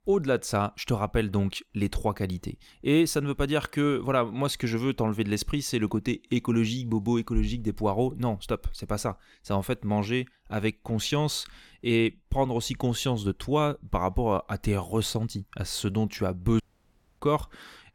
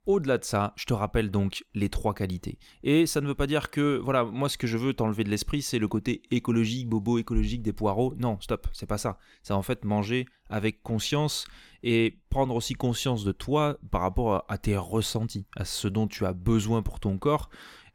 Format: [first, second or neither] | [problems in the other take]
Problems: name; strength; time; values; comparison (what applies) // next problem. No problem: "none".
second | audio cutting out; at 17 s for 0.5 s